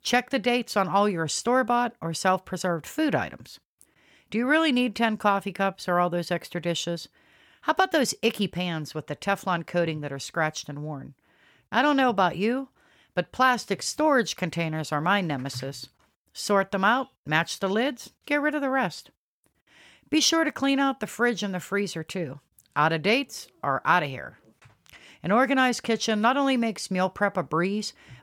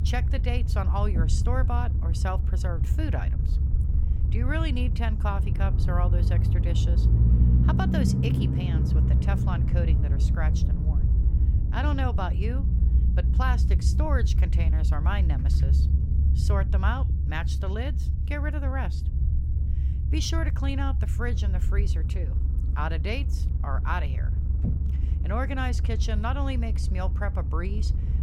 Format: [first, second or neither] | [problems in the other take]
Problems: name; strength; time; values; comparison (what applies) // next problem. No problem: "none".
first | low rumble; loud; throughout; 6 dB below the speech